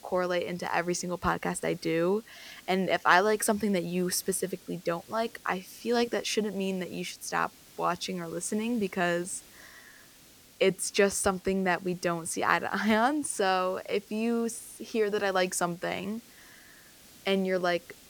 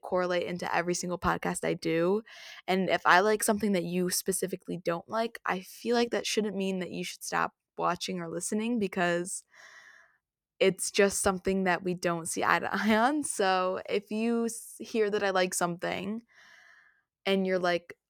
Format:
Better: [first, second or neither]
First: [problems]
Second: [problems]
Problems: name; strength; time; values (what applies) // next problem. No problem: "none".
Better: second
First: hiss; faint; throughout; 25 dB below the speech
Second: none